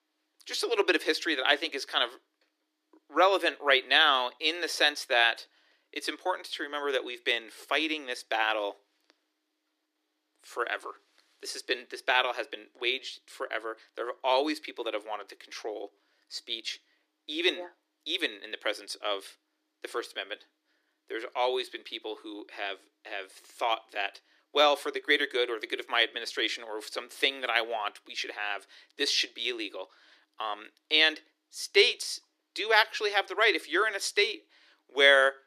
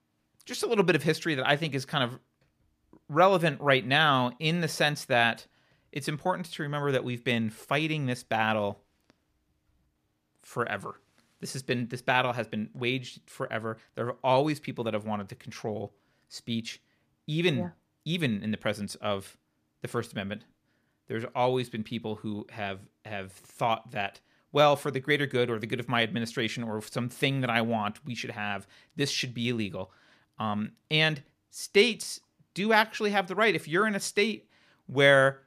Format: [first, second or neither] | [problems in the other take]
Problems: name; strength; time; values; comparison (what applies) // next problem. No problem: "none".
second | thin; very; fading below 300 Hz